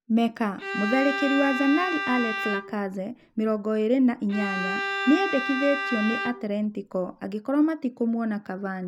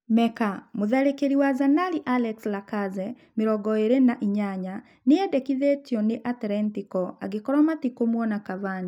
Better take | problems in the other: second | background sound (Bowed string instrument); 5 dB below the speech

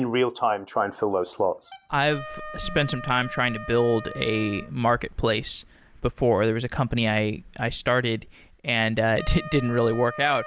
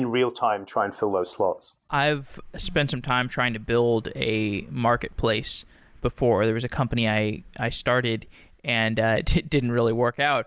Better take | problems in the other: second | background sound (Wind instrument, woodwind instrument); 17 dB below the speech

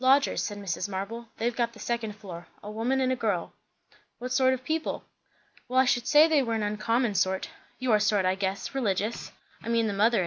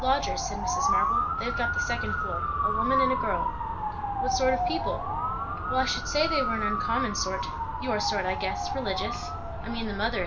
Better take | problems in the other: first | background sound (Motor vehicle (road) / Siren); 2 dB above the speech // room echo; dies away in 0.8 s

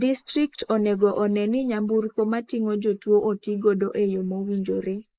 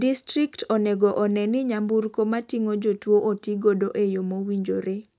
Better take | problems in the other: second | noise reduction (neural mask model Resemble Enhance denoiser)

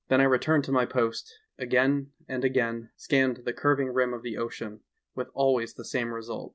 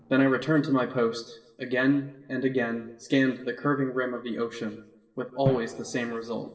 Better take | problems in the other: first | noise reduction (neural separator model SepFormer DNS4)

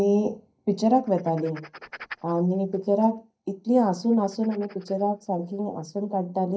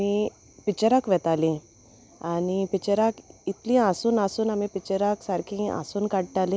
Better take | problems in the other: second | noise reduction (neural mask model DeepFilterNet 3)

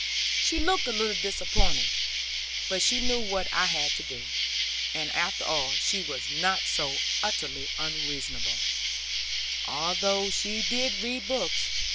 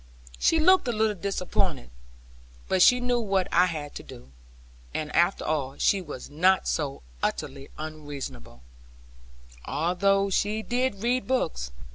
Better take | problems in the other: second | background sound (Insect); 1 dB above the speech

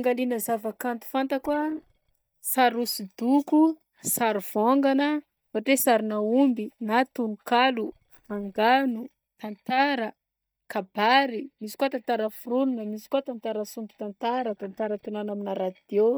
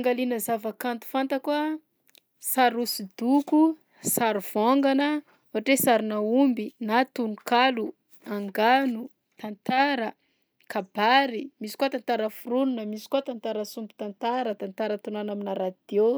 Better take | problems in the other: second | noise reduction (neural mask model DeepFilterNet 3)

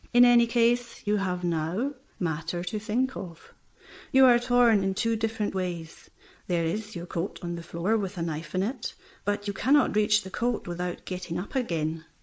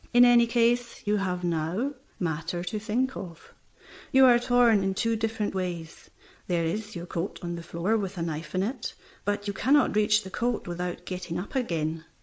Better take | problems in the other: second | noise reduction (neural mask model Resemble Enhance denoiser)

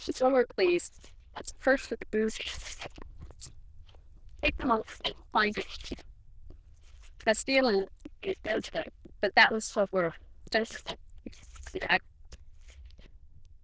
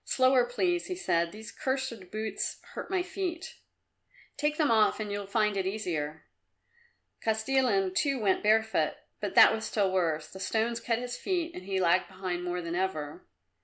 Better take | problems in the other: second | noise reduction (neural diffusion model UNIVERSE++)

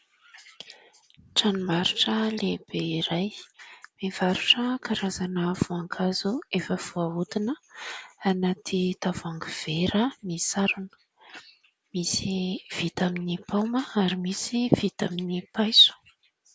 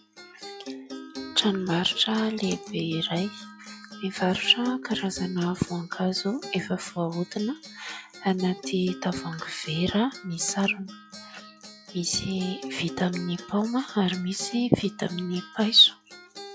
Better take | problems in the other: first | noise reduction (classical method log-MMSE)

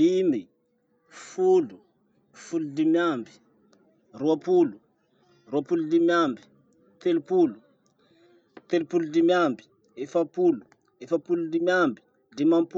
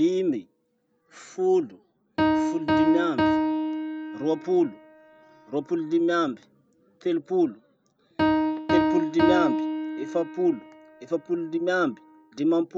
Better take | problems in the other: first | background sound (Piano); 2 dB below the speech

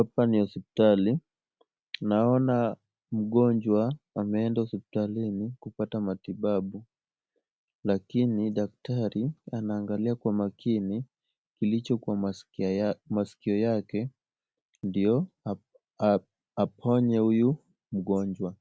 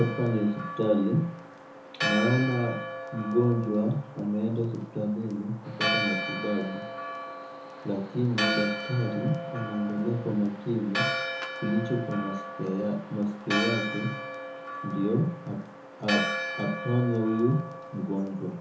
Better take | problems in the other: first | background sound (Church bell); 6 dB below the speech // room echo; dies away in 0.6 s

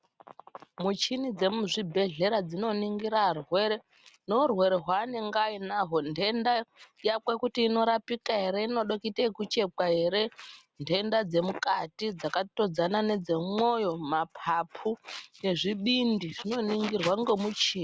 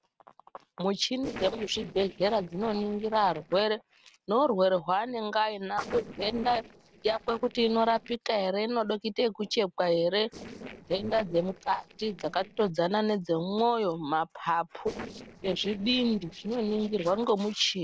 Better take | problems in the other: first | noise reduction (neural separator model SepFormer DNS4)

